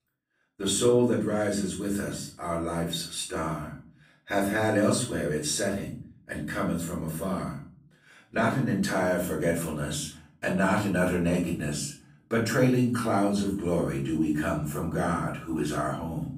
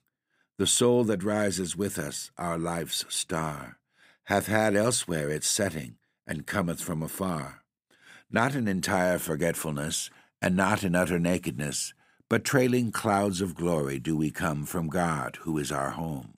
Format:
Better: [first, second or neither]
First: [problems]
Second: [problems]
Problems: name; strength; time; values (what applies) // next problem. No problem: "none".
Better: second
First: off-mic speech; far // room echo; noticeable; dies away in 0.5 s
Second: none